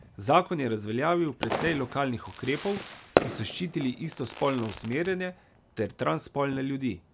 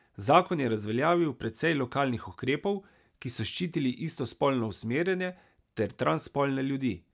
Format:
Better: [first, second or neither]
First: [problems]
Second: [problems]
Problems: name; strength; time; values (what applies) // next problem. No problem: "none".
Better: second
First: background sound (Fireworks); 7 dB below the speech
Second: none